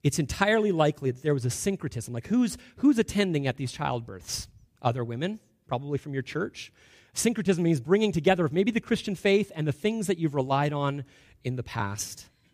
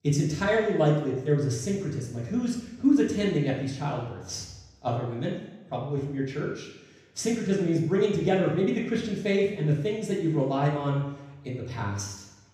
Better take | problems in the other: first | room echo; noticeable; dies away in 0.9 s // off-mic speech; far

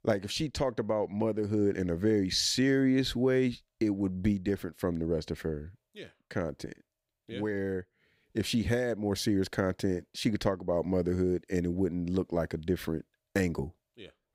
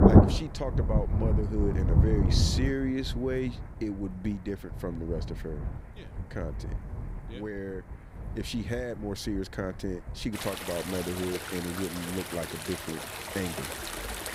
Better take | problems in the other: first | rain or running water; very loud; throughout; 3 dB above the speech

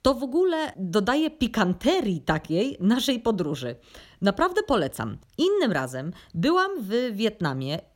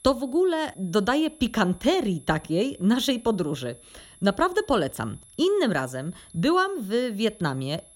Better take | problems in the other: first | high-pitched whine; faint; throughout; 11 kHz, 25 dB below the speech

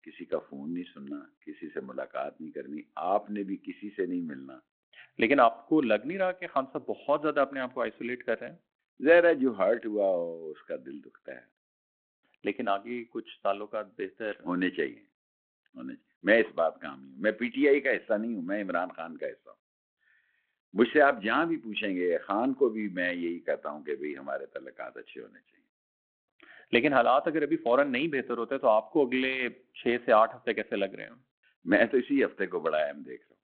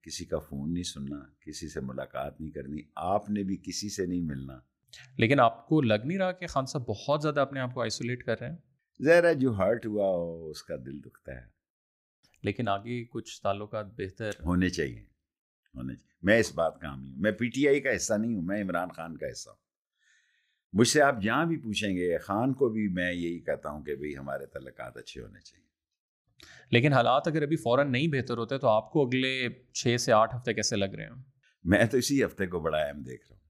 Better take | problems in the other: second | phone-call audio

